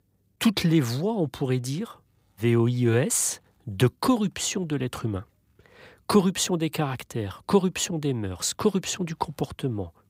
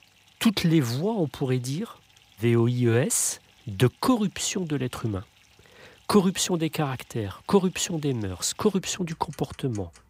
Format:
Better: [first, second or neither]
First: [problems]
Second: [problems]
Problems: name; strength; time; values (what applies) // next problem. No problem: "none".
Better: first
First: none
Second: household noises; faint; throughout; 30 dB below the speech